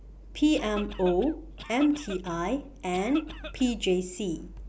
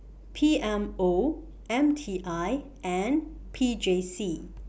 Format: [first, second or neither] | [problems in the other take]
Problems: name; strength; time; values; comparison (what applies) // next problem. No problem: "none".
second | background sound (Cough); 15 dB below the speech